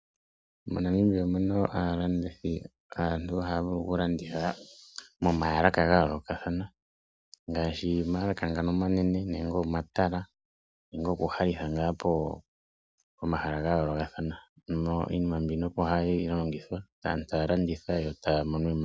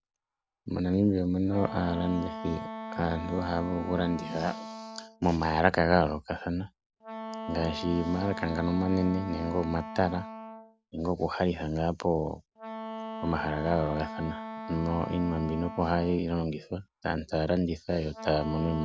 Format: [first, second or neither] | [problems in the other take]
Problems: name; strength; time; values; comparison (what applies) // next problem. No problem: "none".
first | background sound (Wind instrument, woodwind instrument); 11 dB below the speech